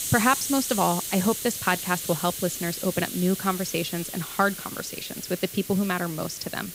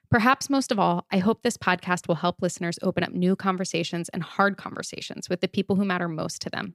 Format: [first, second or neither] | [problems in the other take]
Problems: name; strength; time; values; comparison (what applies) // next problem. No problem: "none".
second | hiss; loud; throughout; 5 dB below the speech